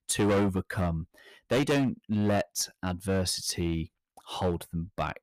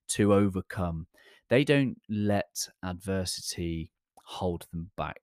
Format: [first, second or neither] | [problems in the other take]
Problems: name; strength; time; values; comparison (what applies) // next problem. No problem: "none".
second | distortion; heavy; 9% of the sound clipped